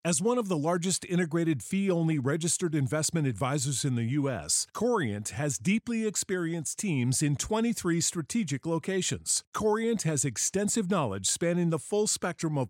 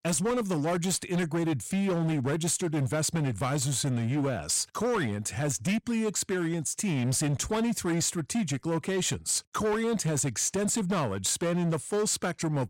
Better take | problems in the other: first | distortion; slight; 21% of the sound clipped

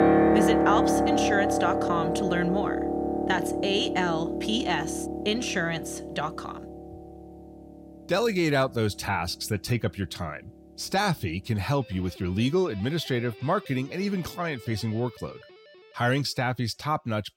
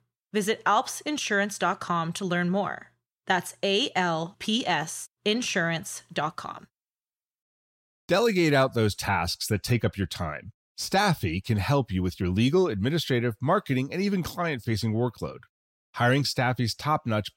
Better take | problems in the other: second | background music; very loud; throughout; 1 dB above the speech

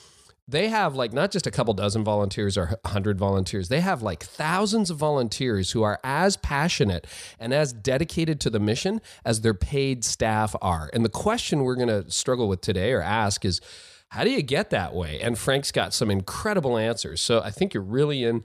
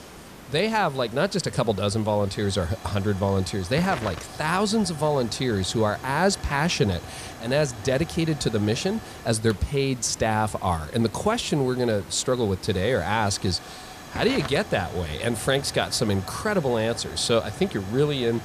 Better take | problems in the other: first | hiss; noticeable; throughout; 15 dB below the speech

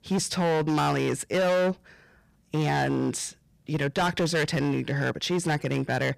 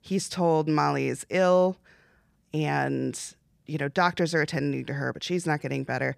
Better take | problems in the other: second | distortion; heavy; 17% of the sound clipped

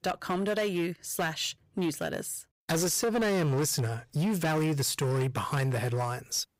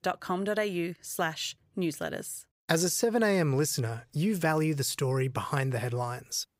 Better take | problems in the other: second | distortion; slight; 16% of the sound clipped

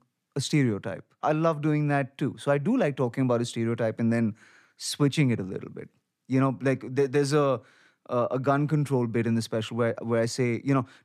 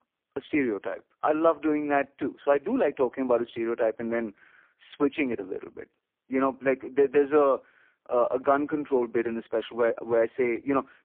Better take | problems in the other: first | phone-call audio; poor line

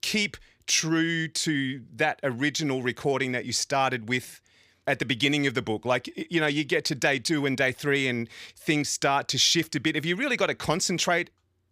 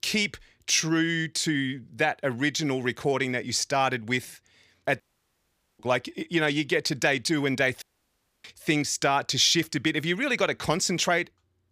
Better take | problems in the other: first | audio cutting out; at 5 s for 1 s and at 8 s for 0.5 s

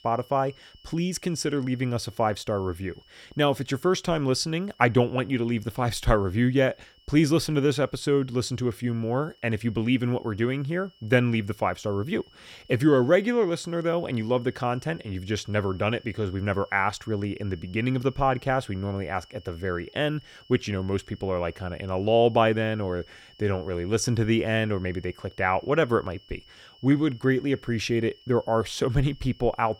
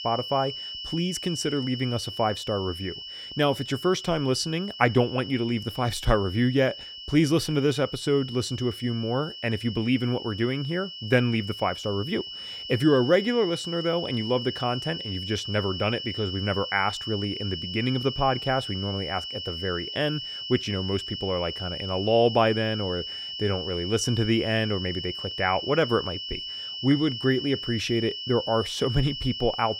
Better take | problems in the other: first | high-pitched whine; loud; throughout; 3 kHz, 7 dB below the speech; faint in the first

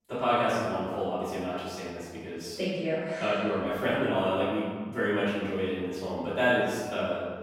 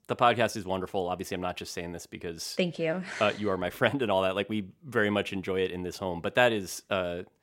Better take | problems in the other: second | off-mic speech; far // room echo; strong; dies away in 1.5 s

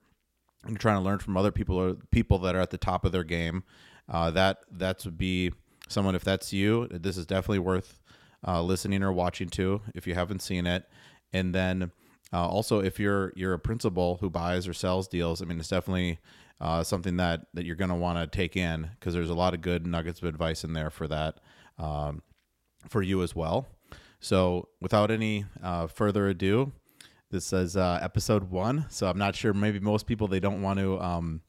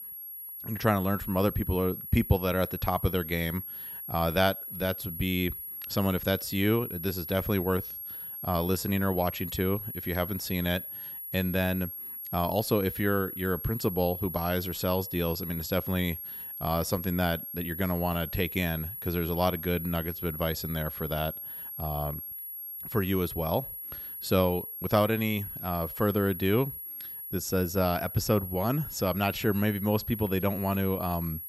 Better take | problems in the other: first | high-pitched whine; loud; throughout; 11.5 kHz, 7 dB below the speech

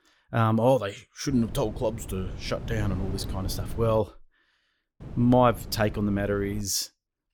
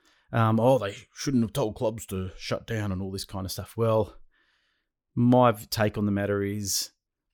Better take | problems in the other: second | wind noise on the microphone; occasional gusts; from 1.5 to 4 s and from 5 to 6.5 s; 20 dB below the speech

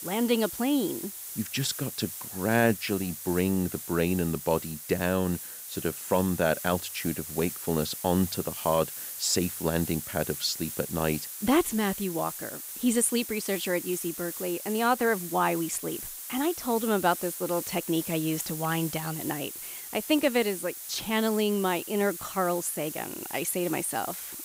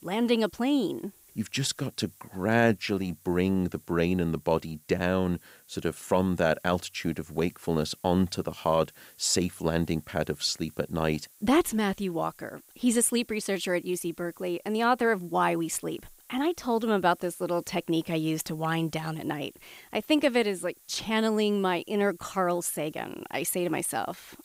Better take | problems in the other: second | hiss; loud; throughout; 7 dB below the speech; faint in the second

